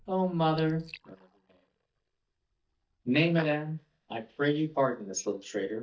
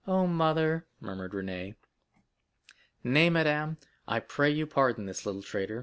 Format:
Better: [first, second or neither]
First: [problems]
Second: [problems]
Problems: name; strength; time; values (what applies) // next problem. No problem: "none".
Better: second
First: noise reduction (neural mask model DeepFilterNet 3)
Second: none